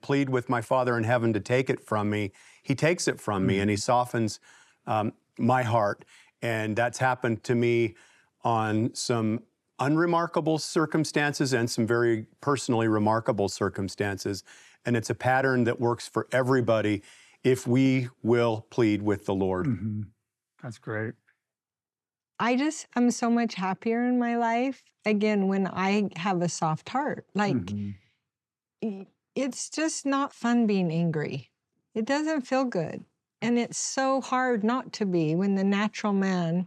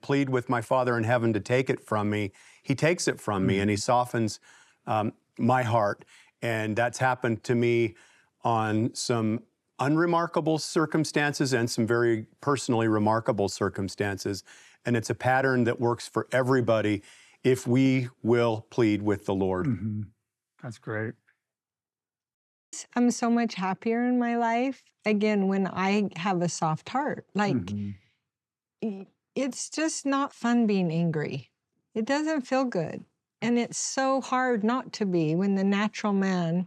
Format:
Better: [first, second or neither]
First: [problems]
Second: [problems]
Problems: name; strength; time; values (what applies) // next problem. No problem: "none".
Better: first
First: none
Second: audio cutting out; at 22 s